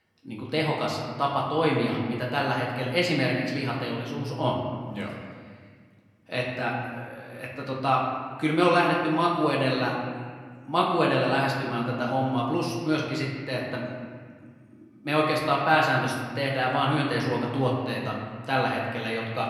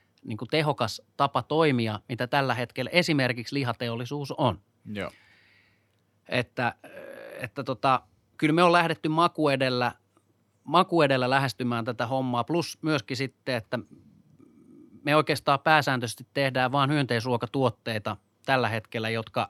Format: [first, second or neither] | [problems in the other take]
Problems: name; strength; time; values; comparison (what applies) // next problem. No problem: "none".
second | room echo; noticeable; dies away in 1.6 s // off-mic speech; far